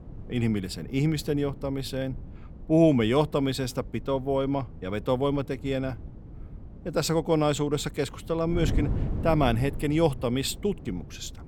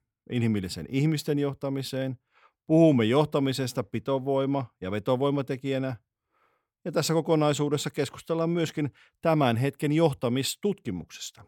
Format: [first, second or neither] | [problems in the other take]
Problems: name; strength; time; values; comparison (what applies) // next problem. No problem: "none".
second | wind noise on the microphone; occasional gusts; 20 dB below the speech